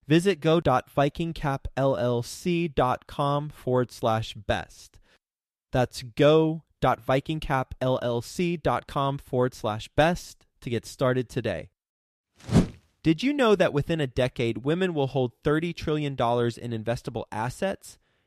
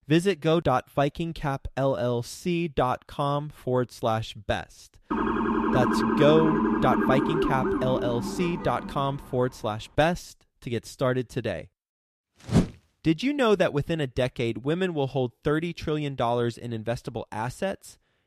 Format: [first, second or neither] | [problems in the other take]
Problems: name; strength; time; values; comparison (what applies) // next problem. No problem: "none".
first | siren; loud; from 5 to 9 s; peak 3 dB above the speech